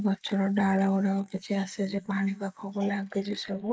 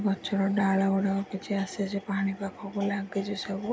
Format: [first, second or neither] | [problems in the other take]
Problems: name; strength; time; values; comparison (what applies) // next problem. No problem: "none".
second | noise reduction (neural mask model Resemble Enhance denoiser)